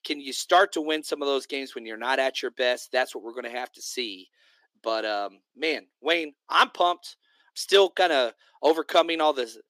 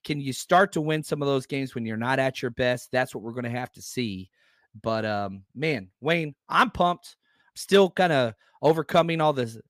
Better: second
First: thin; somewhat; fading below 300 Hz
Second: none

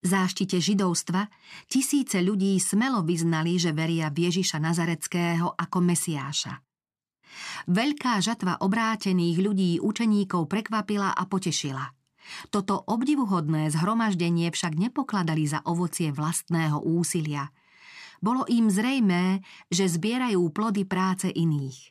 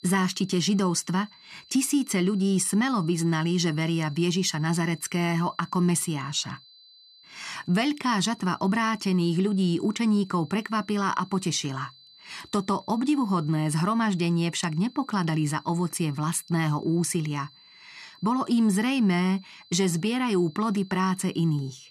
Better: first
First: none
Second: high-pitched whine; faint; throughout; 4 kHz, 25 dB below the speech

